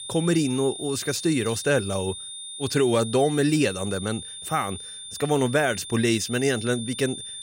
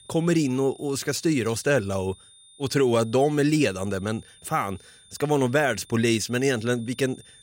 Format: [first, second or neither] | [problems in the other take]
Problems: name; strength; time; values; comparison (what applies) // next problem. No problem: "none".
second | high-pitched whine; loud; throughout; 3.5 kHz, 10 dB below the speech; faint in the second